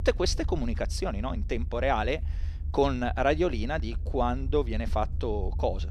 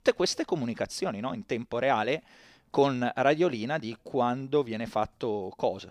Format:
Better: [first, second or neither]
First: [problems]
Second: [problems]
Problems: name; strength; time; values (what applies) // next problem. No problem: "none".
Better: second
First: low rumble; faint; throughout; 25 dB below the speech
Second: none